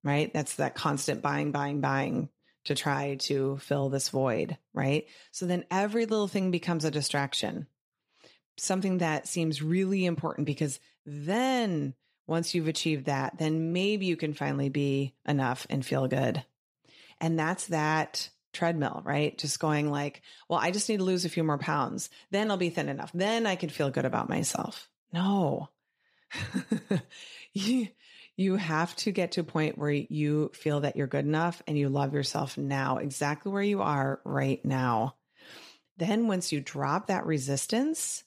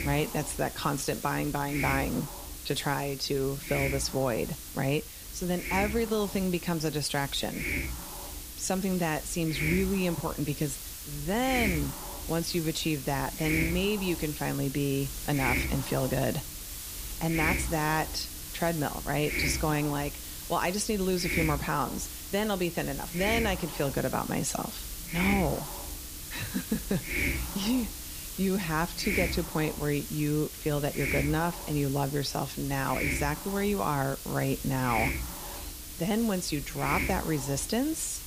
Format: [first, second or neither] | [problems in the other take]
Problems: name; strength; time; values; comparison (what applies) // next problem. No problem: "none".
first | hiss; loud; throughout; 5 dB below the speech